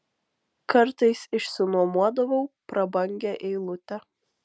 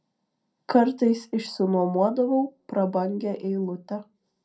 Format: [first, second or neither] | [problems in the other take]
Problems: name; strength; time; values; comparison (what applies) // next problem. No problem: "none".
first | room echo; dies away in 0.2 s